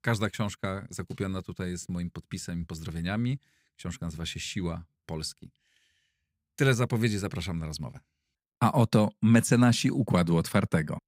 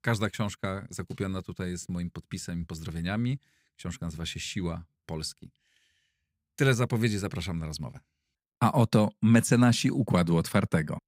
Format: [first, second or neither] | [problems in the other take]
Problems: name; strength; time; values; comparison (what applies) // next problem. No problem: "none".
neither | none